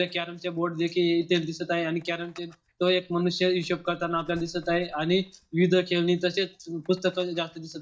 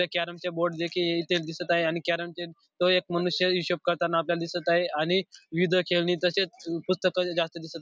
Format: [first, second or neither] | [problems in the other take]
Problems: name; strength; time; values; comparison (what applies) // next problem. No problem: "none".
second | noise reduction (neural mask model DeepFilterNet 3)